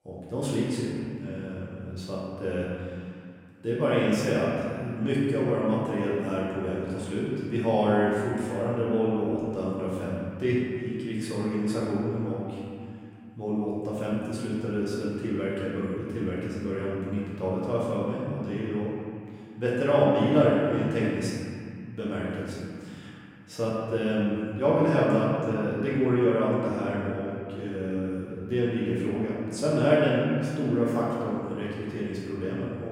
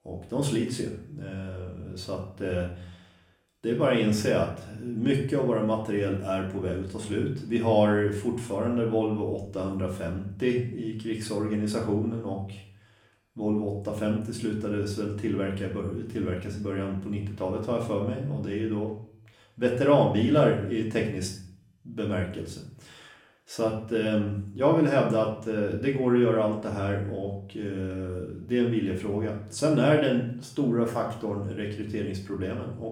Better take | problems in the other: second | room echo; strong; dies away in 2.4 s; slight in the second // off-mic speech; far; far in the second

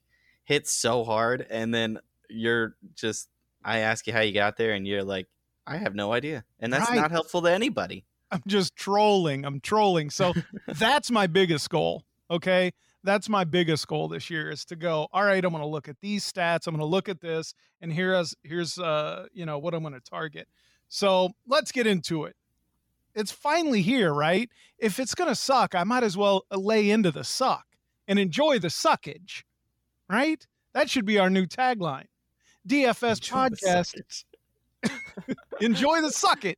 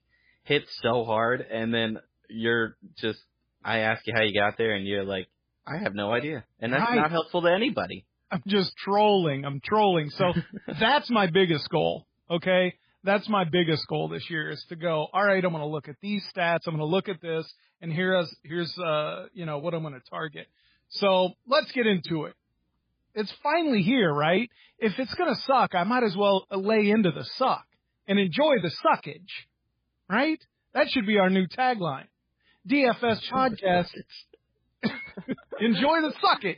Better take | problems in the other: first | garbled, watery; badly; nothing above 5 kHz

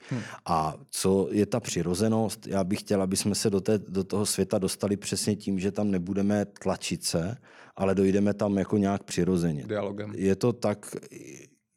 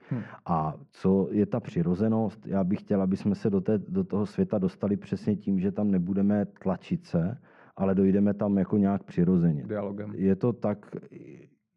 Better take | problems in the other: first | muffled; very; fading above 1.5 kHz

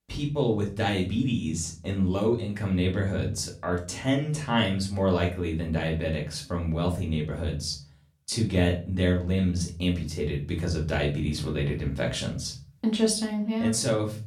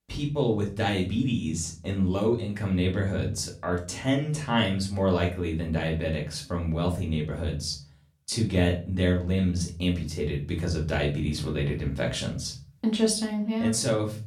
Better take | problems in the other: neither | room echo; slight; dies away in 0.3 s; the same in both // off-mic speech; far; the same in both

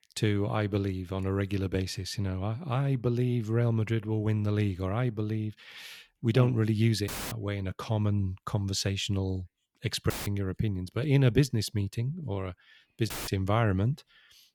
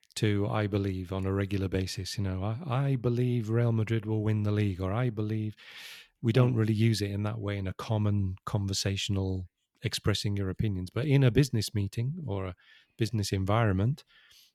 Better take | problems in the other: second | audio cutting out; filled with static; at 7 s, at 10 s and at 13 s

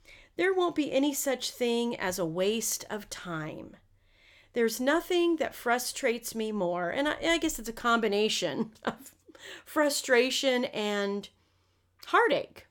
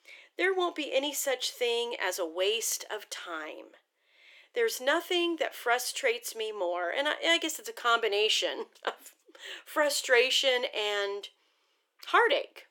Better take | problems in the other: first | thin; very; fading below 350 Hz

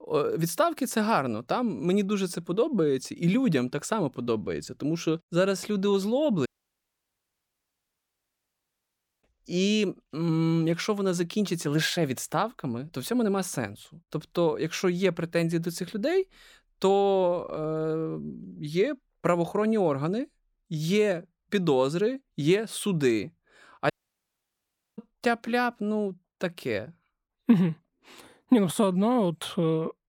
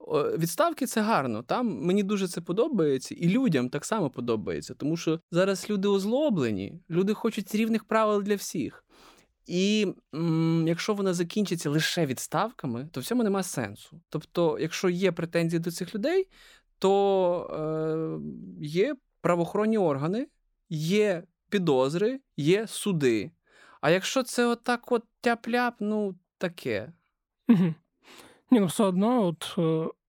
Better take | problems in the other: second | audio cutting out; at 6.5 s for 3 s and at 24 s for 1 s

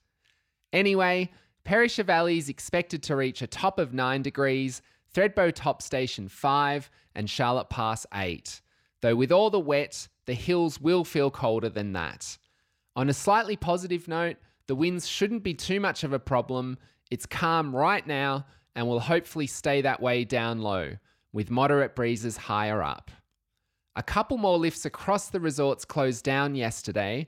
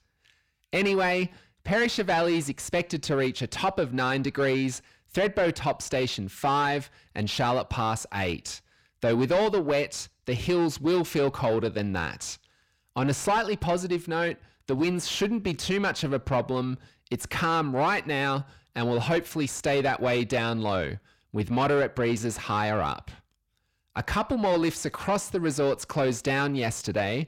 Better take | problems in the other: first | distortion; slight; 10 dB below the speech

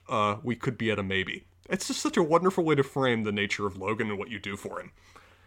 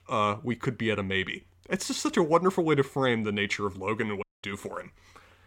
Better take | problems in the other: first | audio cutting out; at 4 s

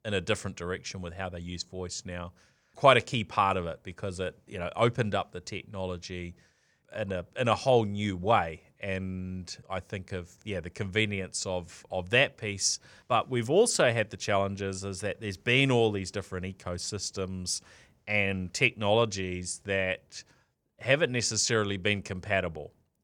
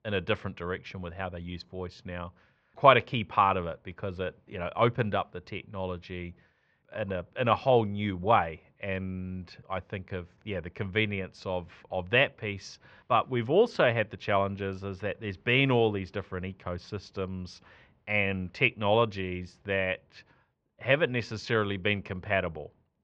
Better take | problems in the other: first | muffled; very; fading above 3.5 kHz

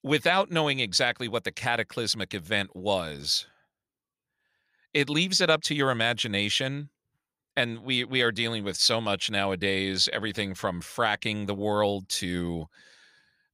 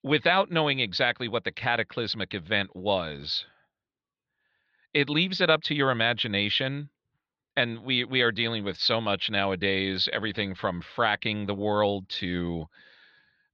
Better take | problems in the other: first | muffled; very slightly; fading above 4 kHz

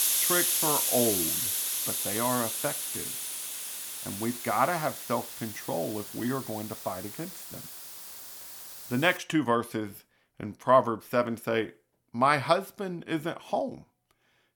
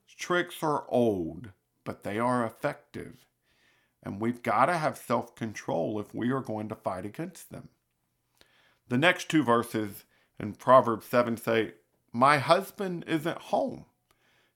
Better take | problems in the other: second | hiss; loud; until 9 s; 1 dB below the speech

